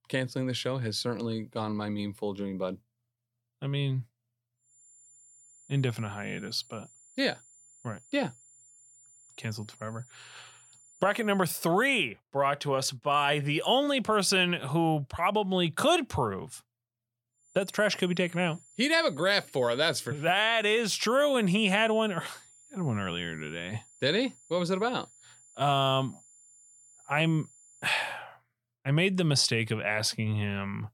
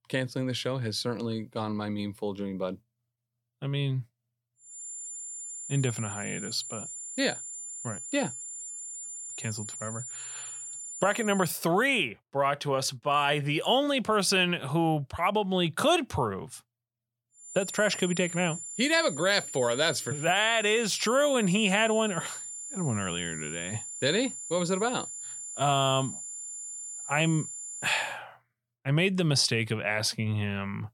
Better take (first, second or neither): first